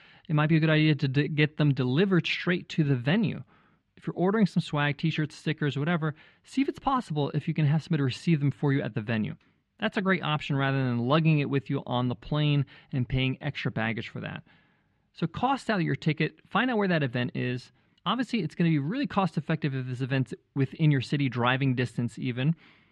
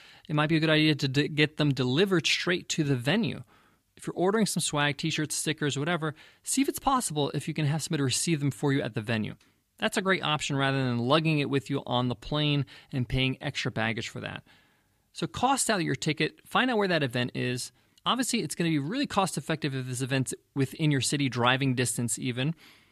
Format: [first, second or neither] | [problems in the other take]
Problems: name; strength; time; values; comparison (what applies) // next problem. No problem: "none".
second | muffled; slightly; fading above 2.5 kHz